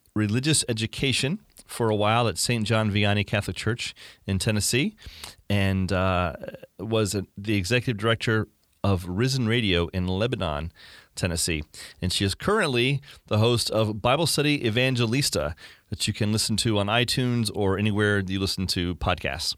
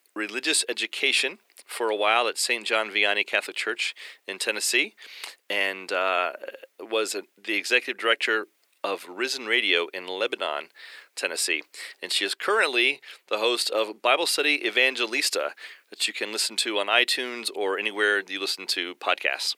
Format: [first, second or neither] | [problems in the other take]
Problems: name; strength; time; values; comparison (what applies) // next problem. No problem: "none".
first | thin; very; fading below 350 Hz